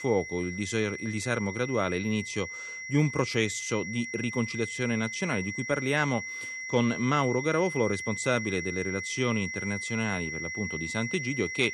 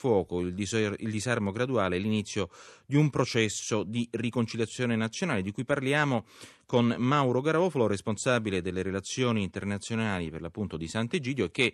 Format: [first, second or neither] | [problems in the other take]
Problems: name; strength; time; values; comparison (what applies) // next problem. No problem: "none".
second | high-pitched whine; loud; throughout; 2 kHz, 5 dB below the speech